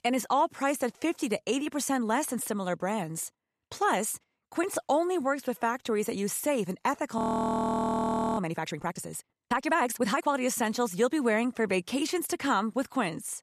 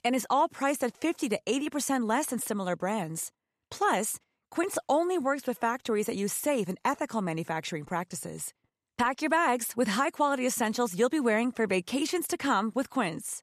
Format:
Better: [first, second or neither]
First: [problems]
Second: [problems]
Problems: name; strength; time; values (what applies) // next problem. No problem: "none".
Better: second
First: audio freezing; at 7 s for 1 s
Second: none